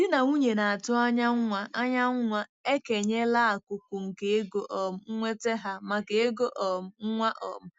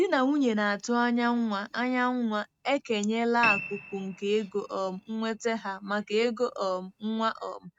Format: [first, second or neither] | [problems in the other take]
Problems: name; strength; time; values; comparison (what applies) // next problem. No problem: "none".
first | noise reduction (neural mask model RNNoise)